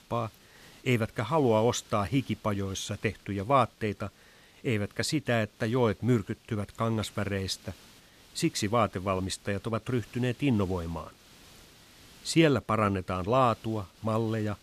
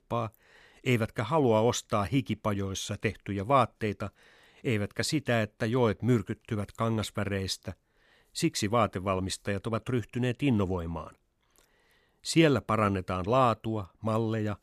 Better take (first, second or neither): second